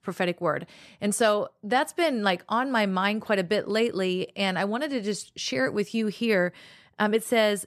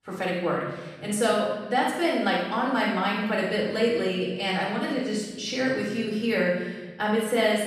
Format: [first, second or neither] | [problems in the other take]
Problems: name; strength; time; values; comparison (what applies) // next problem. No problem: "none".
first | off-mic speech; far // room echo; noticeable; dies away in 1.4 s